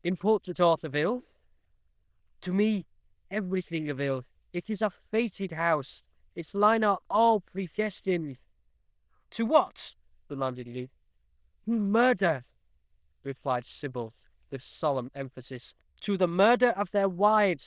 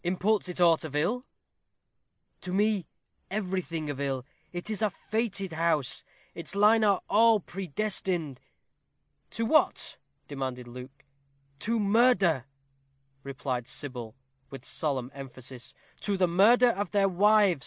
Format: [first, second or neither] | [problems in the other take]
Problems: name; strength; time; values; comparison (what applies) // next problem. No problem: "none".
second | noise reduction (neural diffusion model UNIVERSE++)